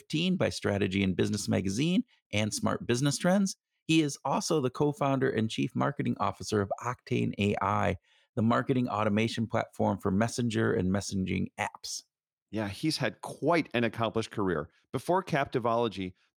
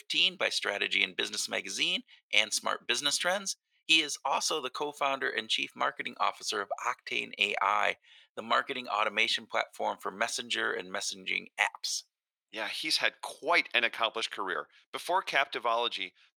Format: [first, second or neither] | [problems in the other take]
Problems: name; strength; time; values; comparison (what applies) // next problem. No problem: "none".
first | thin; very; fading below 750 Hz